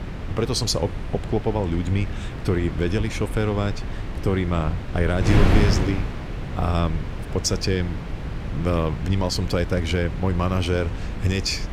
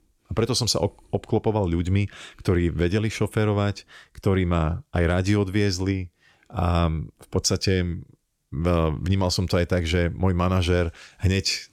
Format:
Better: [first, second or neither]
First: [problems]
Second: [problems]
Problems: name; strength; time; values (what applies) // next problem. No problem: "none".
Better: second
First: wind noise on the microphone; heavy; 7 dB below the speech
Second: none